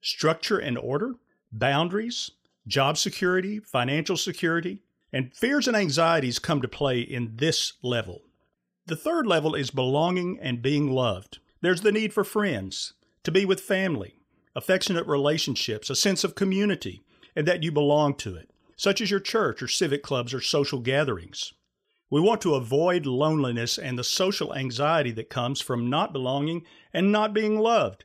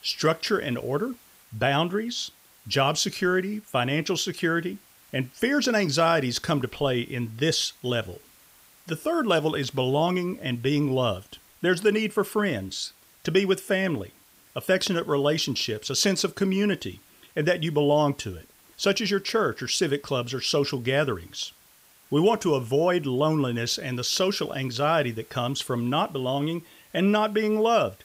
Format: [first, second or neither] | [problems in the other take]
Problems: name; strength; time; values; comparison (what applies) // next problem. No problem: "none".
first | hiss; faint; throughout; 30 dB below the speech